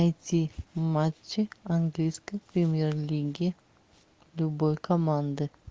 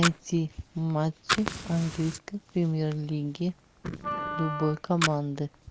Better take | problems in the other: first | background sound (Wind instrument, woodwind instrument + Fire); 6 dB below the speech

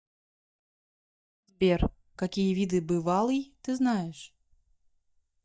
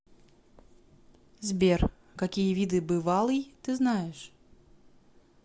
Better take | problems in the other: second | noise reduction (neural mask model DeepFilterNet 3)

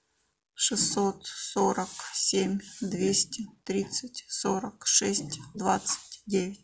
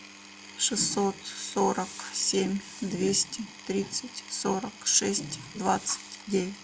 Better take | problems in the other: first | background sound (Power tool); 17 dB below the speech

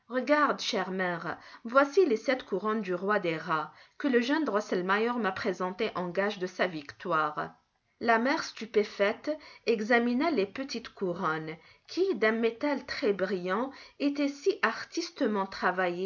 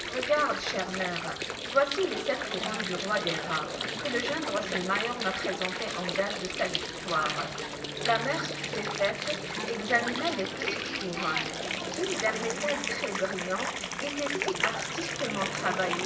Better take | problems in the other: first | background sound (Water); 2 dB below the speech // room echo; dies away in 0.7 s

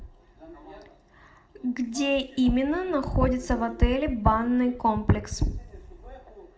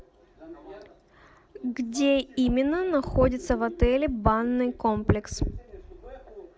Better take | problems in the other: second | room echo; dies away in 0.5 s

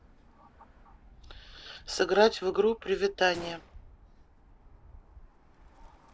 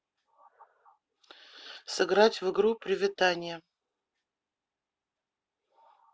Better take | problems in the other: second | background sound (Bird + Gunshot, gunfire); 20 dB below the speech

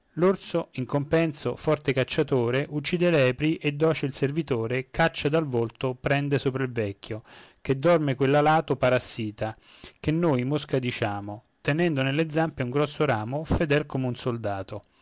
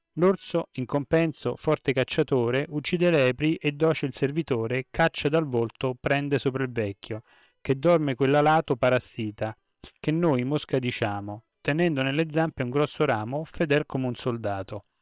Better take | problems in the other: first | noise reduction (neural separator model SepFormer WHAM!)

